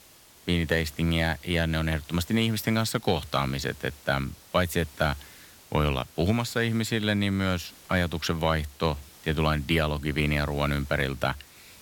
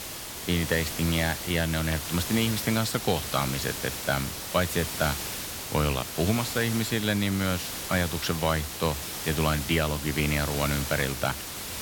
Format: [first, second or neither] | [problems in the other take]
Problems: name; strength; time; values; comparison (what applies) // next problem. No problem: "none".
first | hiss; loud; throughout; 5 dB below the speech; faint in the first